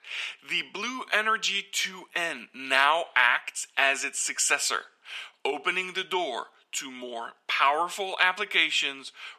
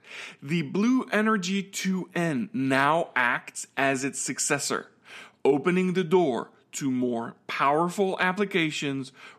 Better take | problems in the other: second | thin; very; fading below 750 Hz

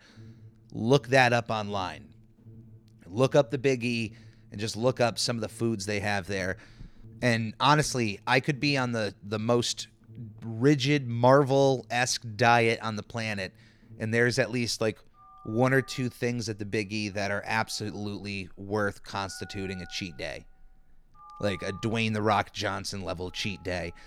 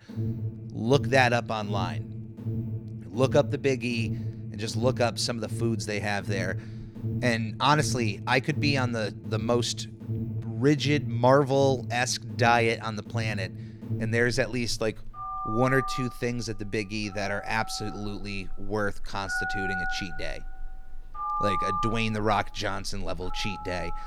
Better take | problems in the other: first | alarms or sirens; loud; throughout; 7 dB below the speech; faint in the first

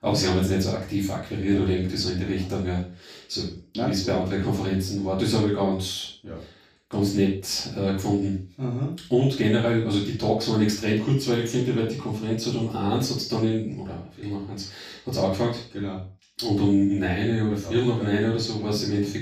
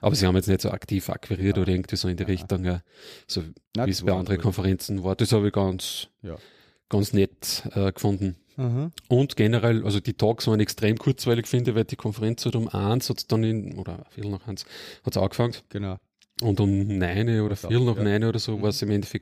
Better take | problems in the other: second | room echo; noticeable; dies away in 0.3 s // off-mic speech; far

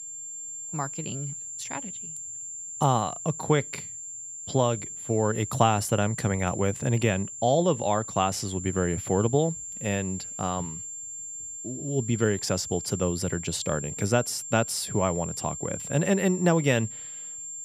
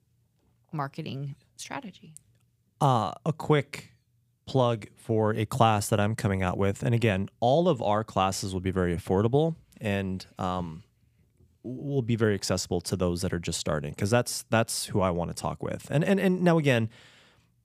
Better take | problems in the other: second | high-pitched whine; loud; throughout; 7.5 kHz, 8 dB below the speech

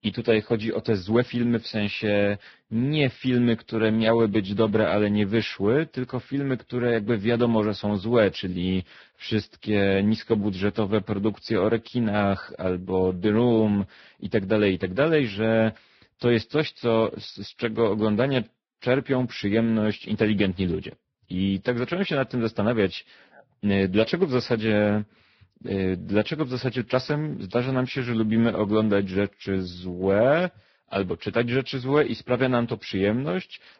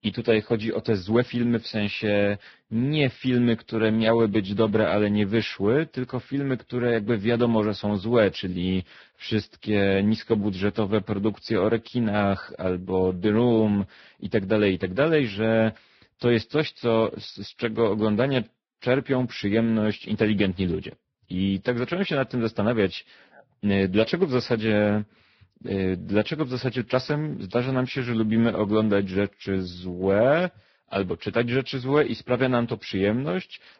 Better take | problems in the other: neither | garbled, watery; badly; nothing above 5.5 kHz; the same in both

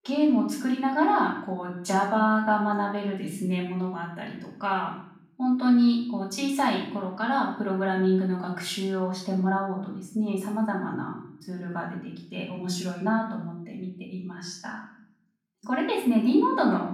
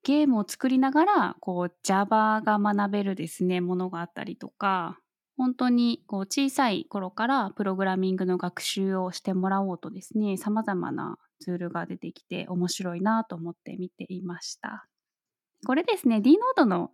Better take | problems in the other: second | off-mic speech; far // room echo; noticeable; dies away in 0.7 s

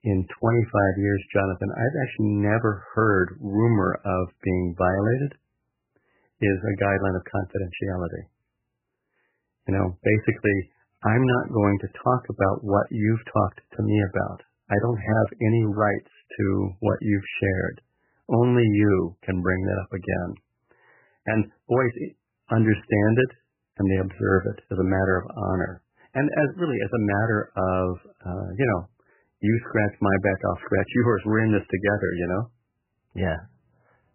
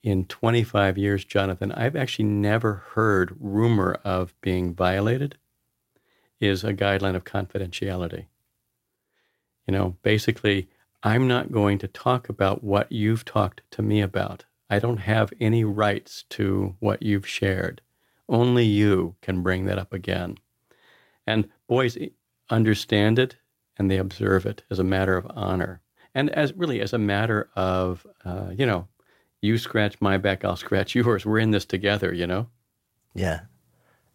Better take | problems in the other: second | garbled, watery; badly; nothing above 3 kHz

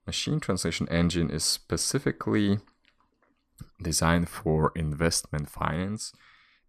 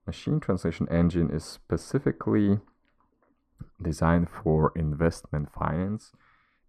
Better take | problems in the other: first | muffled; very; fading above 2 kHz

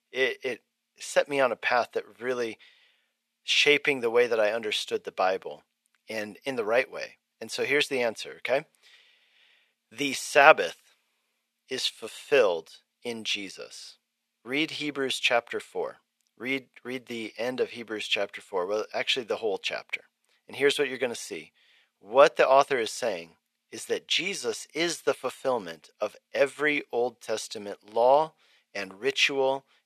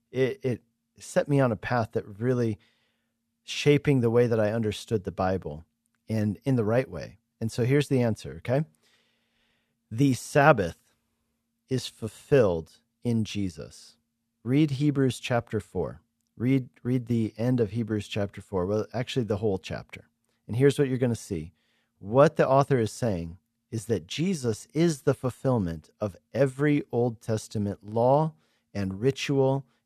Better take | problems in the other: second | thin; very; fading below 600 Hz

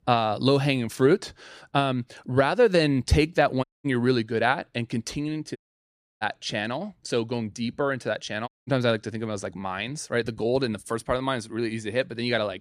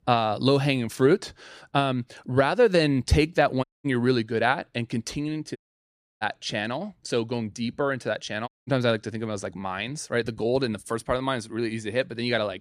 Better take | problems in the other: neither | audio cutting out; at 3.5 s, at 5.5 s for 0.5 s and at 8.5 s; the same in both

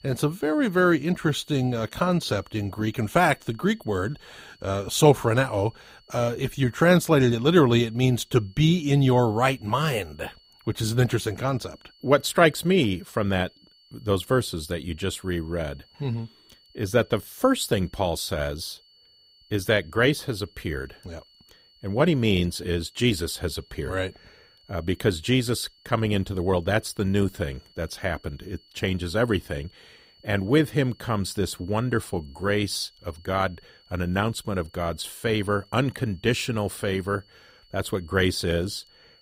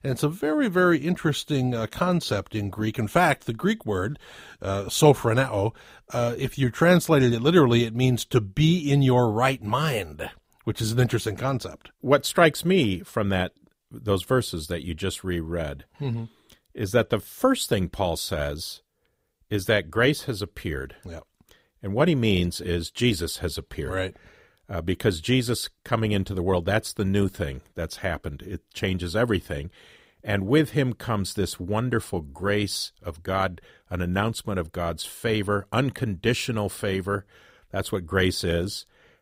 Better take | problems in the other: second | high-pitched whine; faint; throughout; 4.5 kHz, 30 dB below the speech

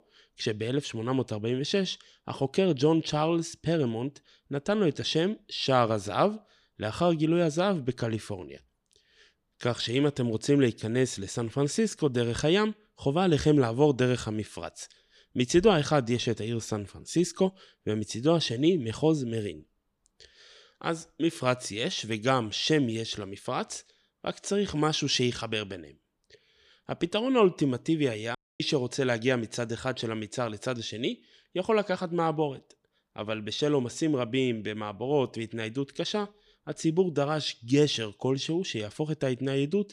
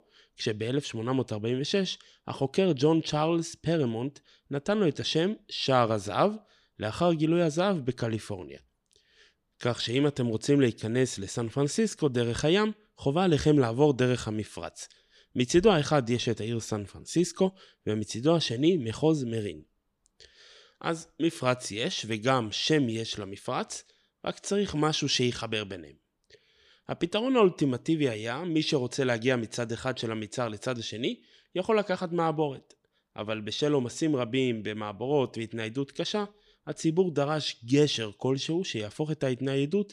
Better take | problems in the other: second | audio cutting out; at 28 s

